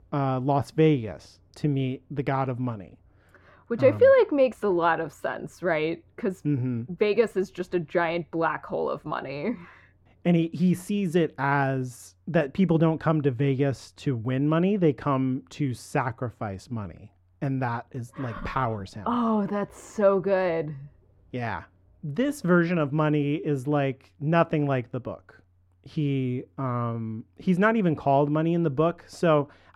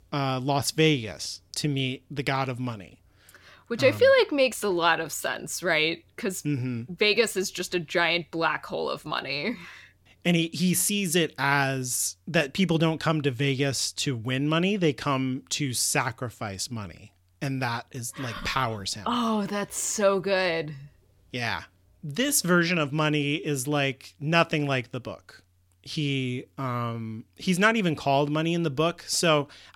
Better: second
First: muffled; very; fading above 2.5 kHz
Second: none

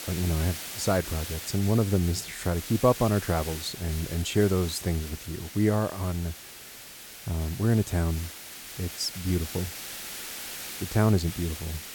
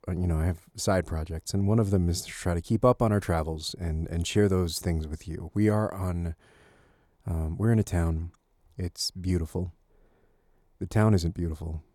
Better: second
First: hiss; loud; throughout; 10 dB below the speech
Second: none

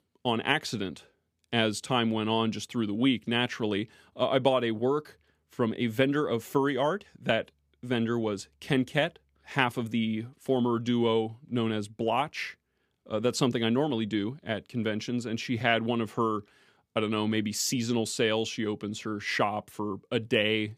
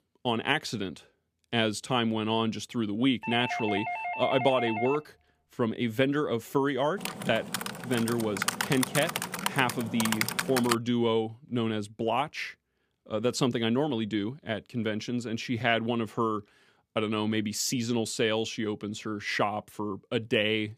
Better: first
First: none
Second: doorbell; noticeable; from 3 to 5 s; peak 3 dB below the speech // keyboard typing; loud; from 7 to 11 s; peak 1 dB above the speech

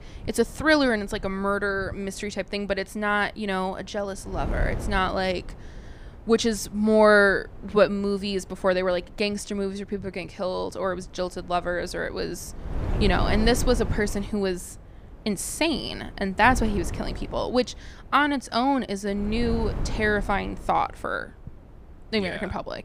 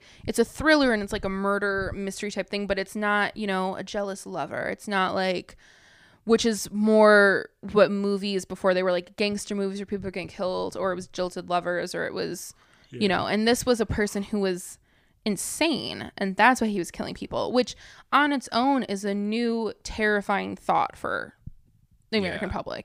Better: second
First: wind noise on the microphone; occasional gusts; 20 dB below the speech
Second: none

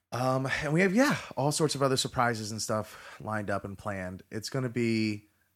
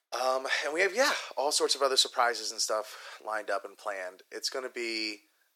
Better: first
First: none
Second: thin; very; fading below 400 Hz

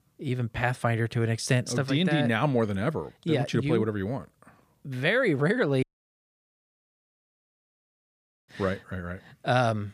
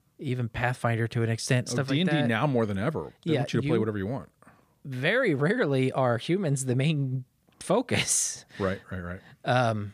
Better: second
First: audio cutting out; at 6 s for 2.5 s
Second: none

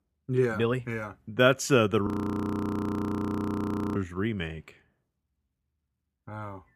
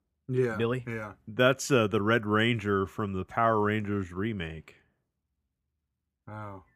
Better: second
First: audio freezing; at 2 s for 2 s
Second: none

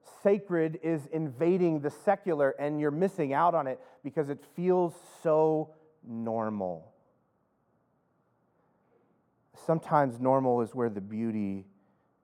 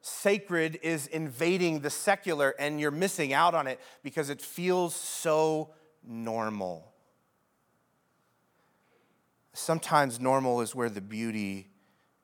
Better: second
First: muffled; very; fading above 2 kHz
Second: none

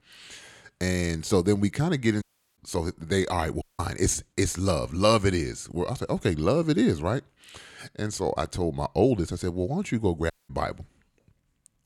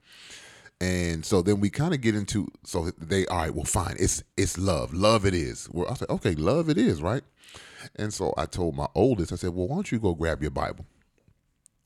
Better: second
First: audio cutting out; at 2 s, at 3.5 s and at 10 s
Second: none

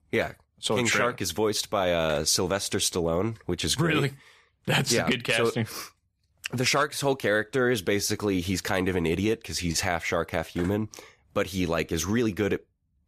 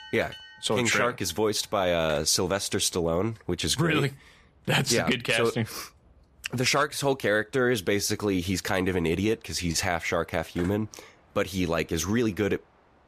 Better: first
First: none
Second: train or aircraft noise; faint; throughout; 30 dB below the speech

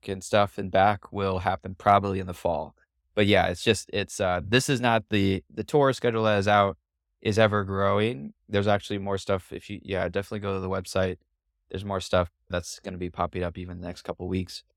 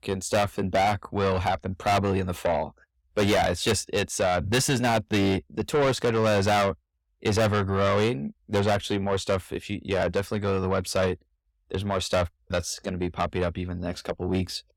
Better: first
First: none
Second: distortion; heavy; 5 dB below the speech

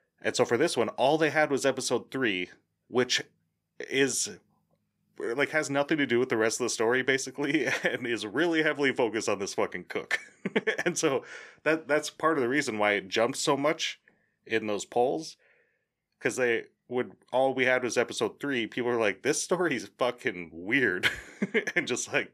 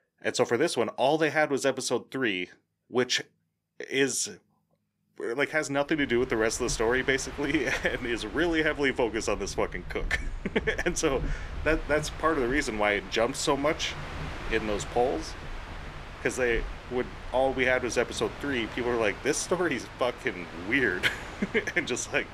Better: first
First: none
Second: train or aircraft noise; noticeable; from 6 s on; 15 dB below the speech

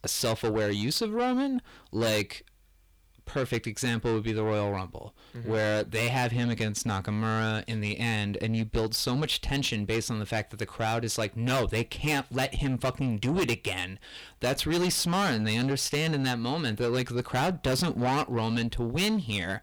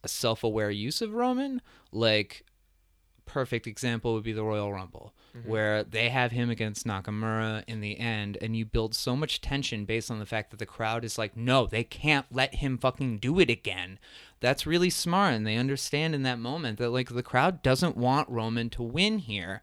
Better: second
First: distortion; heavy; 6 dB below the speech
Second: none

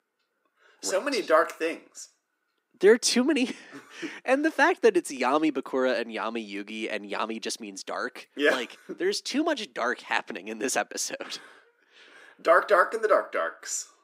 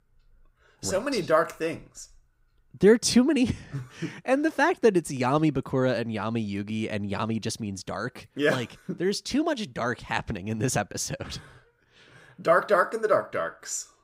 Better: second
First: thin; very slightly; fading below 250 Hz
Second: none

